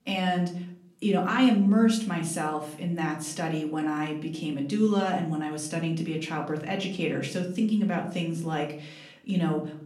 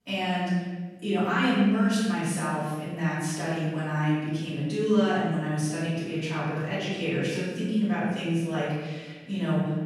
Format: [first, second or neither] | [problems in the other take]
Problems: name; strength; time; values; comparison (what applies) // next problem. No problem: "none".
first | room echo; strong; dies away in 1.2 s; slight in the first // off-mic speech; far; far in the first